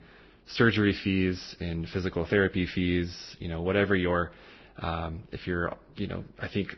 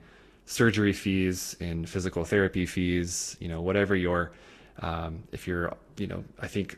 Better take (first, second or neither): second